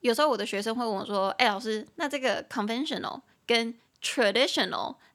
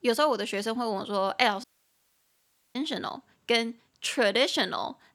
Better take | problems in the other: first | audio cutting out; at 1.5 s for 1 s

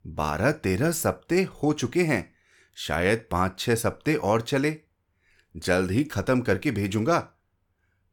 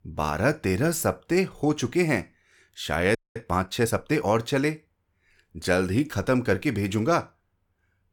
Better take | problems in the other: first | audio freezing; at 3 s

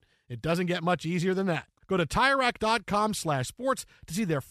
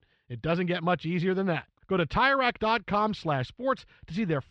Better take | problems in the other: first | muffled; very slightly; fading above 4 kHz

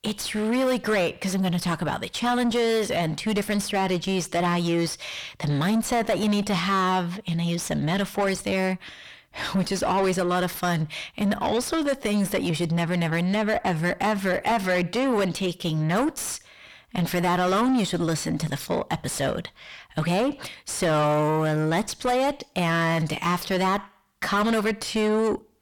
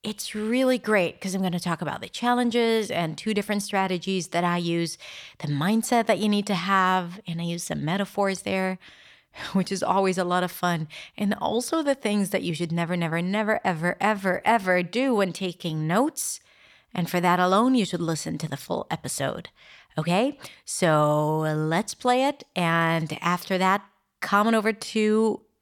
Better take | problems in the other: second | distortion; heavy; 6 dB below the speech

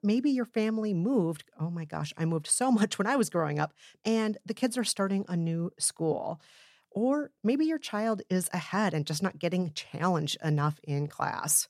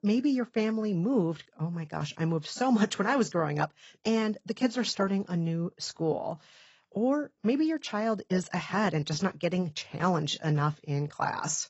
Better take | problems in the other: first | garbled, watery; badly; nothing above 7.5 kHz

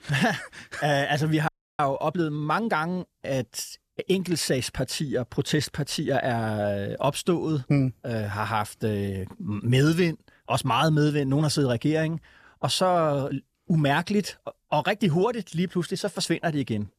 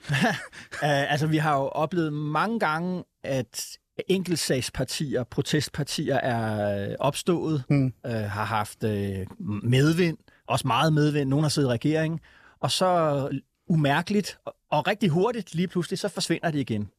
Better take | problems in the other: second | audio freezing; at 1.5 s

